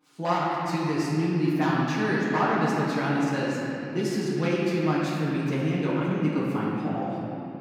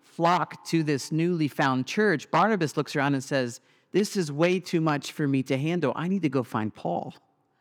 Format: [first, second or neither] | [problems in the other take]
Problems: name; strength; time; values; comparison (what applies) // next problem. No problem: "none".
second | room echo; strong; dies away in 3 s // off-mic speech; far